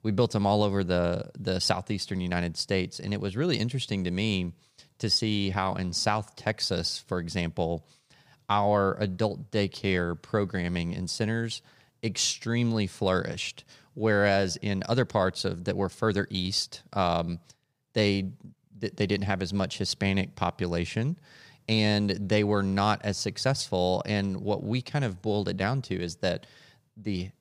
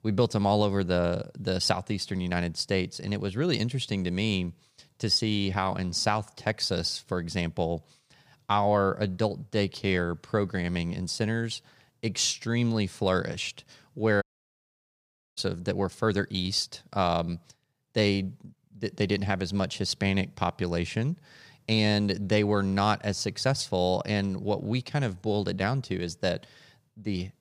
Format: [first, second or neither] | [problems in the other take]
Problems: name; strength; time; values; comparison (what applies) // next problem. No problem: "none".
first | audio cutting out; at 14 s for 1 s